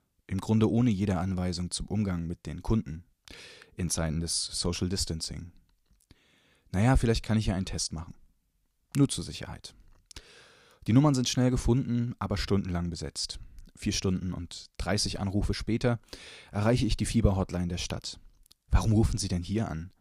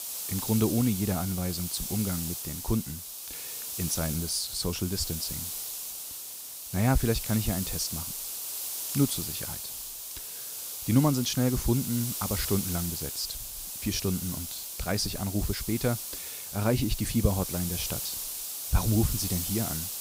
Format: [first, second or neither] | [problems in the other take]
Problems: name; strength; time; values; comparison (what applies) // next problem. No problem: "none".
first | hiss; loud; throughout; 4 dB below the speech